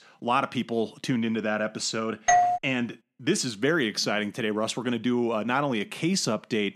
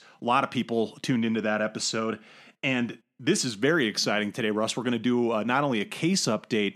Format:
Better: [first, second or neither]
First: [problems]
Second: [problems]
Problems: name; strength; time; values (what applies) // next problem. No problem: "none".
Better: second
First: doorbell; loud; at 2.5 s; peak 6 dB above the speech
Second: none